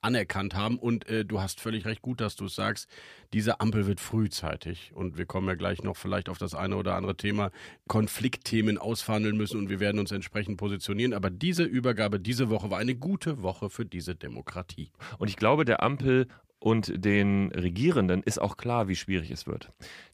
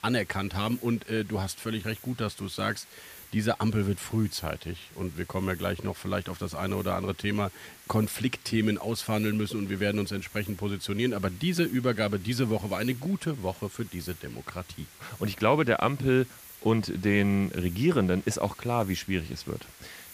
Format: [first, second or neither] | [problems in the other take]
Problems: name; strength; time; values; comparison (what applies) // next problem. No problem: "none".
first | hiss; noticeable; throughout; 20 dB below the speech